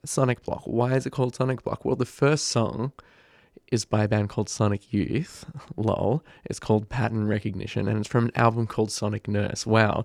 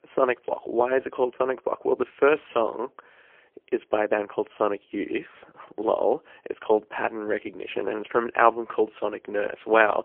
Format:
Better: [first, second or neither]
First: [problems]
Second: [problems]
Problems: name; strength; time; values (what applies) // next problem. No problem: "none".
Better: first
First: none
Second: phone-call audio; poor line